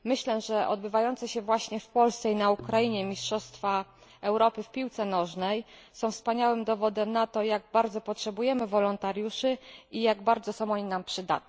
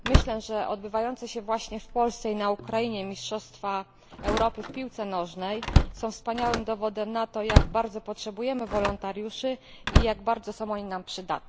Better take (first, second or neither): first